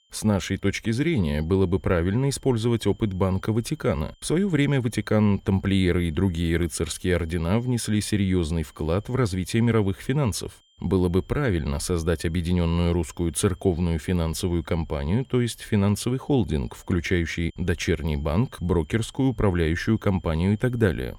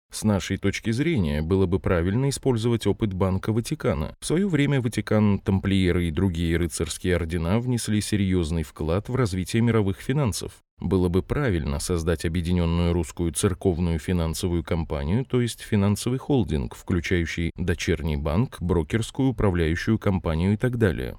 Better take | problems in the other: second | high-pitched whine; faint; throughout; 3 kHz, 35 dB below the speech

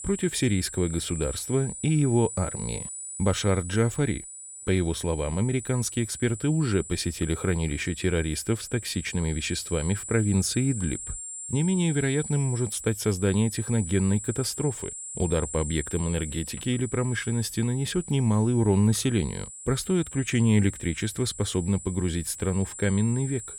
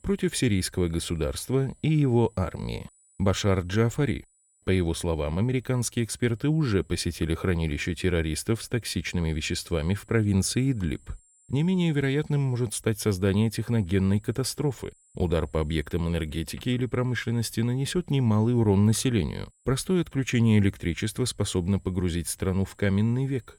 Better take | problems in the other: second | high-pitched whine; loud; throughout; 7.5 kHz, 10 dB below the speech; faint in the second

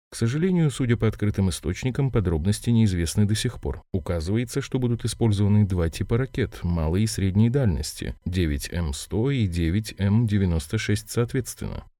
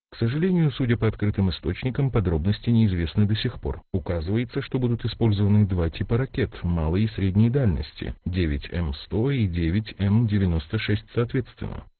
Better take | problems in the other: first | garbled, watery; badly; nothing above 4 kHz

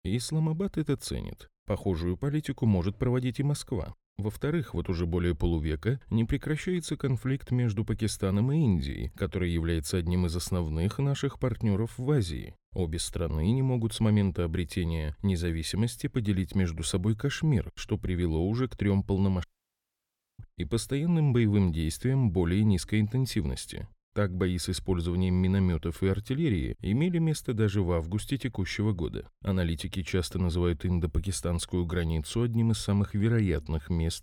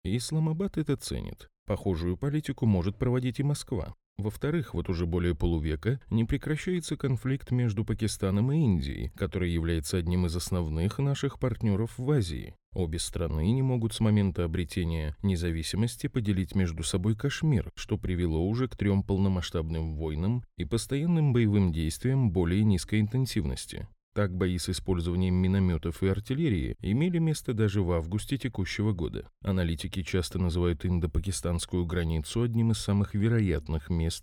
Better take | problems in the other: second | audio cutting out; at 19 s for 1 s

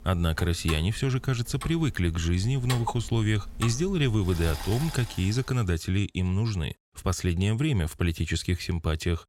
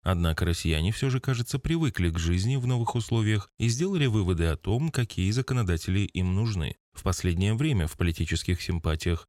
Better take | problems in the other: second | household noises; noticeable; until 5 s; 15 dB below the speech

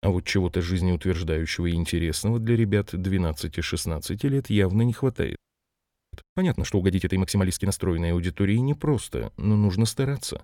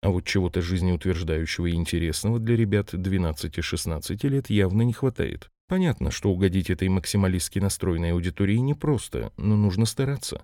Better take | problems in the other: second | audio freezing; at 5.5 s for 1 s

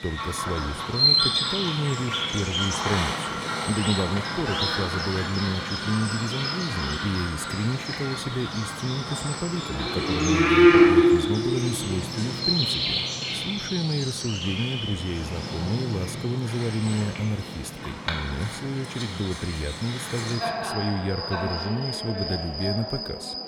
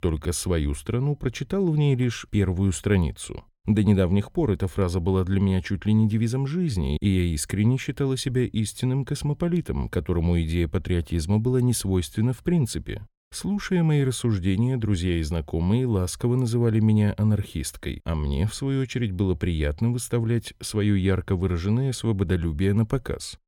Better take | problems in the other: second | animal sounds; very loud; throughout; 5 dB above the speech

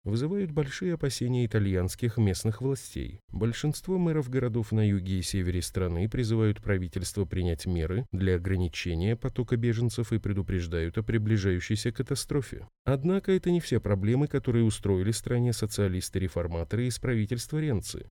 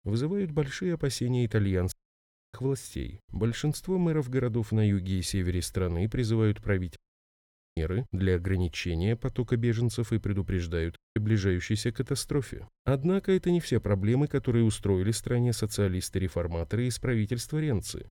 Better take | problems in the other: first | audio cutting out; at 2 s for 0.5 s, at 7 s for 1 s and at 11 s

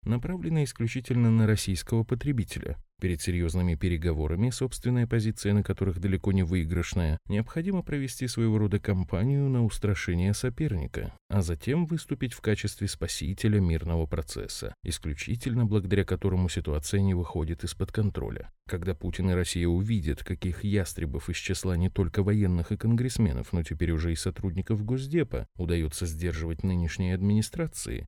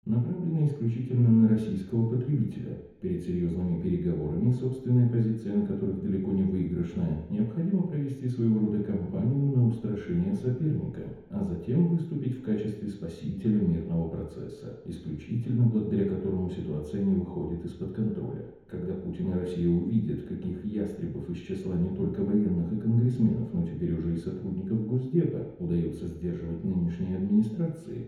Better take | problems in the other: first | room echo; noticeable; dies away in 1 s // off-mic speech; far

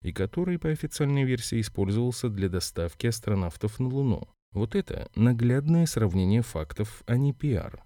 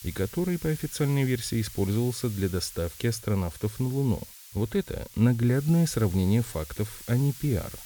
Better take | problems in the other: first | hiss; noticeable; throughout; 15 dB below the speech

